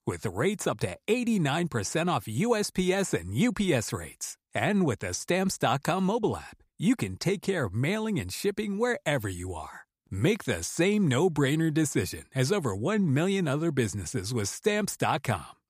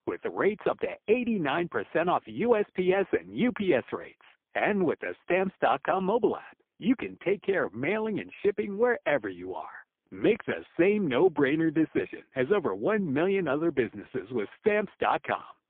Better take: first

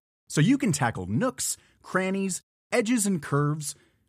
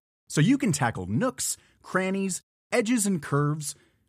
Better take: neither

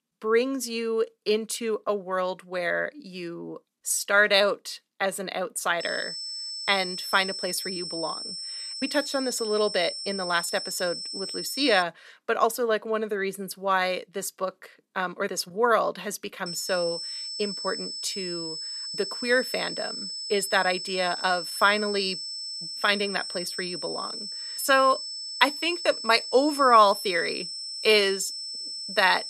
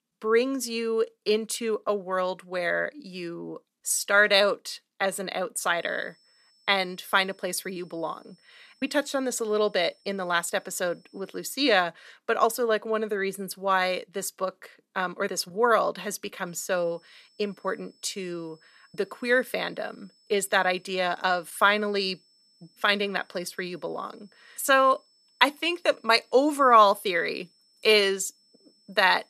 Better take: second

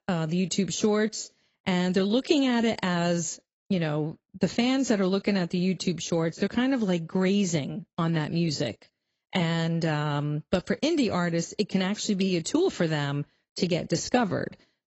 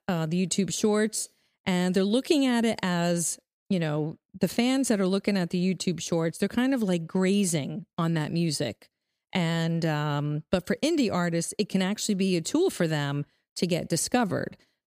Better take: second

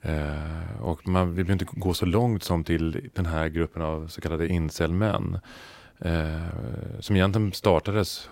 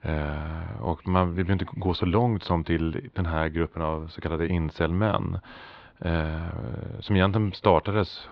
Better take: first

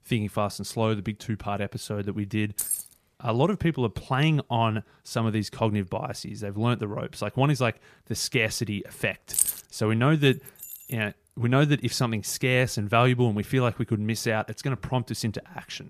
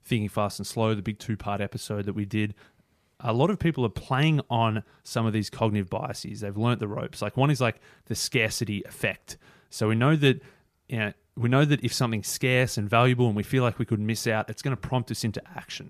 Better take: second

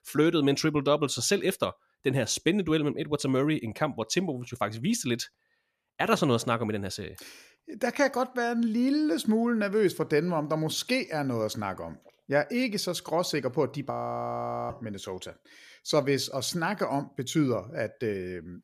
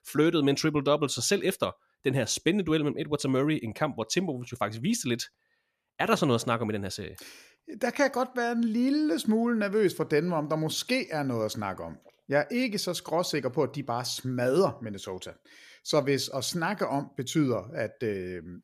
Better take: second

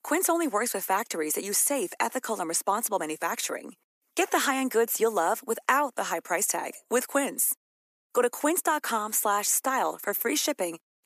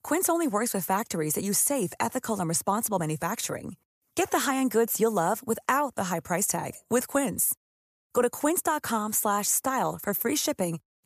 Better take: second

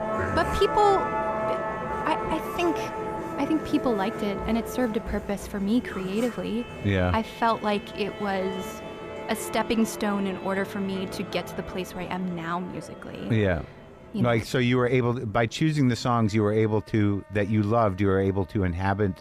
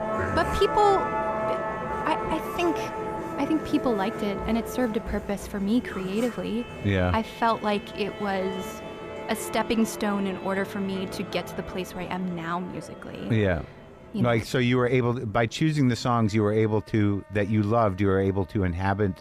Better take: neither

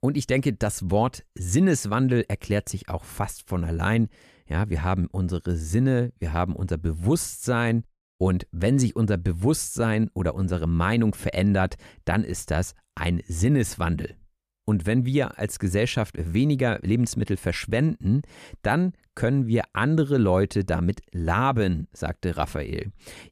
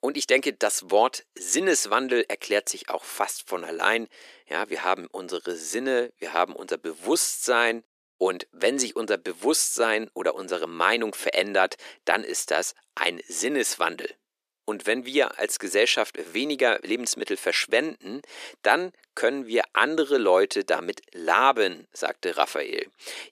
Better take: first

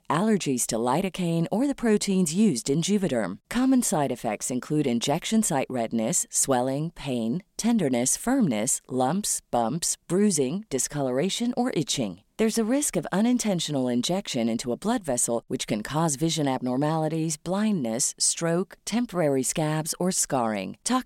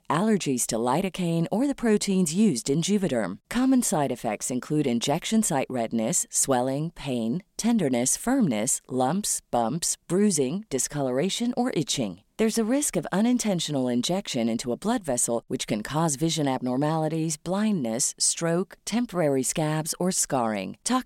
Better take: neither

